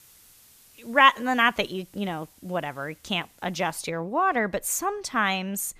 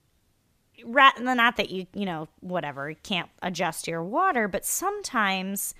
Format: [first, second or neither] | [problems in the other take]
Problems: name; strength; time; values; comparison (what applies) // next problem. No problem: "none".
second | hiss; faint; until 4 s; 30 dB below the speech